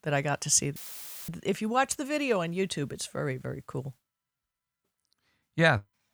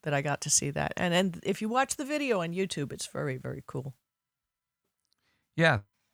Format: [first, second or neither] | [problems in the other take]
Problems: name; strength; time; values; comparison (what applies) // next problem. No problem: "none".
second | audio cutting out; filled with static; at 1 s for 0.5 s